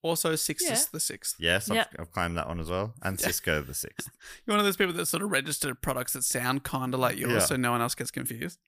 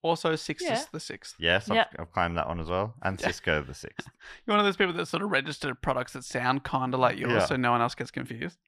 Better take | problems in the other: first | muffled; slightly; fading above 3.5 kHz

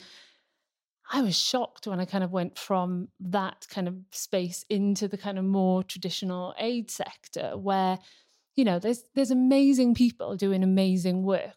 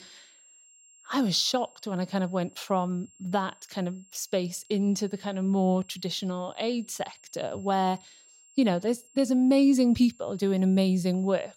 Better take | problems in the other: first | high-pitched whine; faint; throughout; 7.5 kHz, 25 dB below the speech

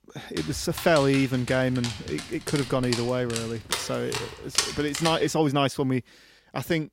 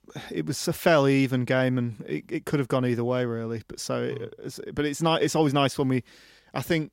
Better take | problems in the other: second | dog barking; loud; until 5 s; peak 1 dB above the speech

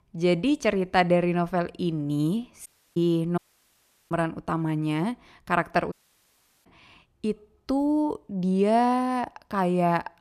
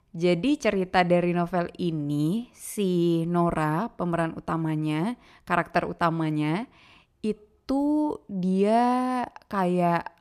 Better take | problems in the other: second | audio cutting out; at 2.5 s, at 3.5 s for 0.5 s and at 6 s for 0.5 s

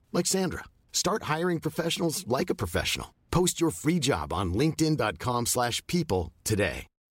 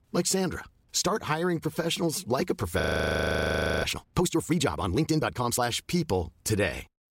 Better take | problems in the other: first | audio freezing; at 3 s for 1 s

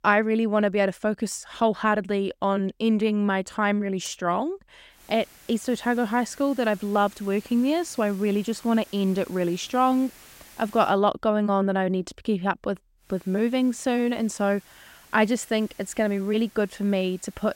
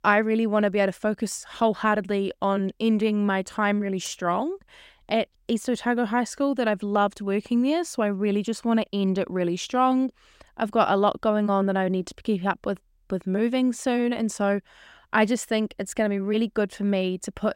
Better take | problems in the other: second | hiss; faint; from 5 to 11 s and from 13 s on; 25 dB below the speech

